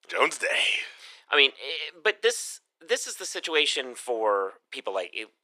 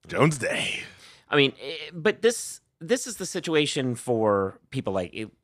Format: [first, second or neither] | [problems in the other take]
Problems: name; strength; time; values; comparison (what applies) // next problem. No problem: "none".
second | thin; very; fading below 400 Hz